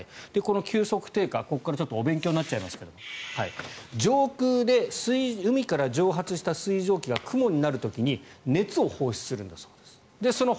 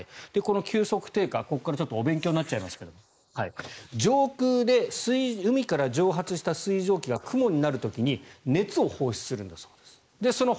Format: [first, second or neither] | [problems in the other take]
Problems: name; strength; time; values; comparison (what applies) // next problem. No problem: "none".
first | noise reduction (neural mask model Resemble Enhance denoiser)